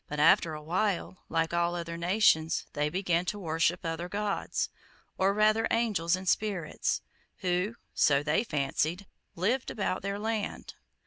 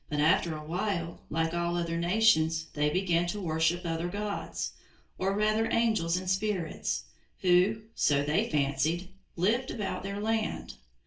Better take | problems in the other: first | room echo; dies away in 0.3 s

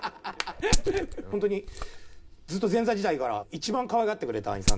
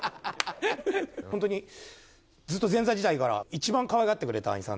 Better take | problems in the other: second | background sound (Glass); 2 dB below the speech // room echo; dies away in 0.3 s

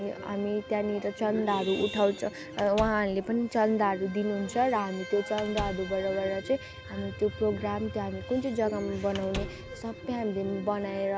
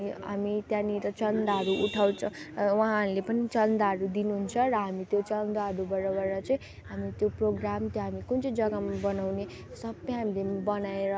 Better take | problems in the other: second | background sound (Bowed string instrument + Squeak / Slam); 14 dB below the speech

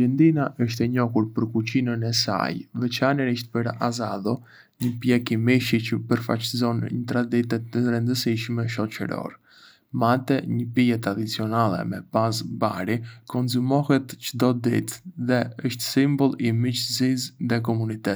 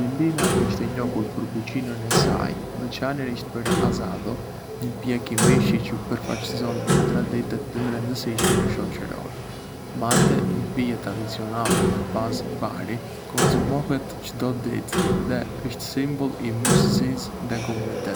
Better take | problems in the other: first | background sound (Clock); 3 dB above the speech

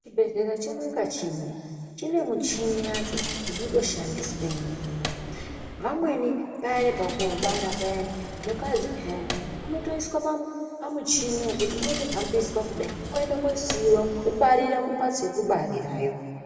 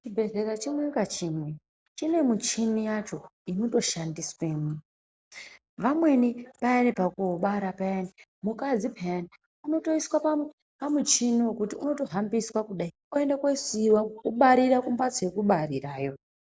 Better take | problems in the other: second | background sound (Coin (dropping)); 7 dB below the speech // room echo; dies away in 2.4 s

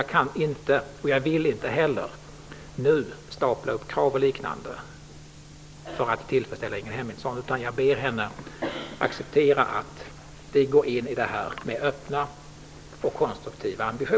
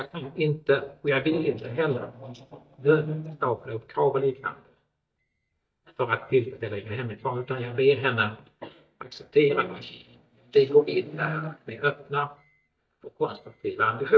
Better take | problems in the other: first | noise reduction (neural mask model DeepFilterNet 3)

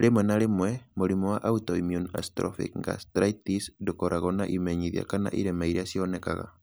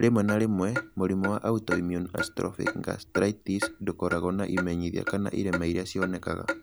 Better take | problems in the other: first | background sound (Clock); 8 dB below the speech

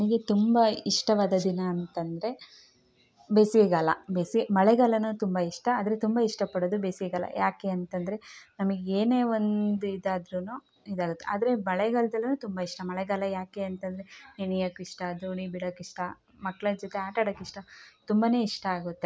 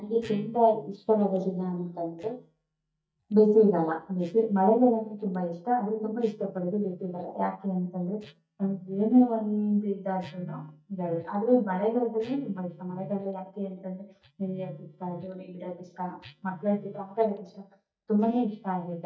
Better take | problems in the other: first | noise reduction (neural mask model DeepFilterNet 3)

